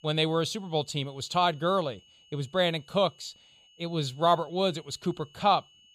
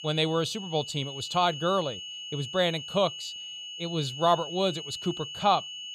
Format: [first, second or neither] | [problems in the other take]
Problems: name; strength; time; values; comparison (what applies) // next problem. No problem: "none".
first | high-pitched whine; loud; throughout; 3 kHz, 9 dB below the speech; faint in the first